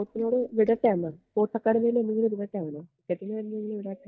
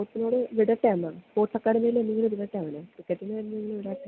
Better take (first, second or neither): second